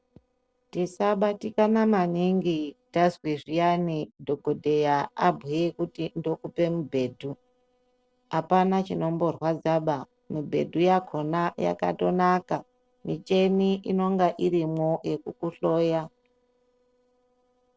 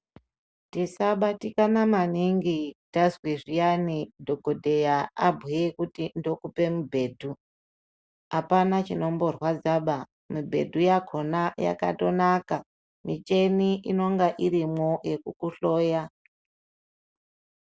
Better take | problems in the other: second | noise reduction (neural separator model SepFormer DNS4)

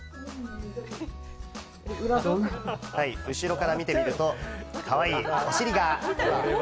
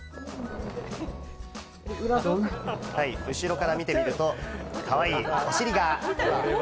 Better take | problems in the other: first | background sound (Boom); 15 dB below the speech

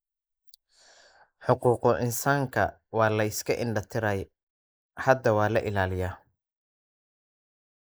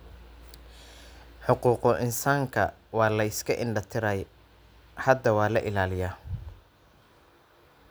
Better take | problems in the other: second | noise reduction (neural mask model Resemble Enhance denoiser)

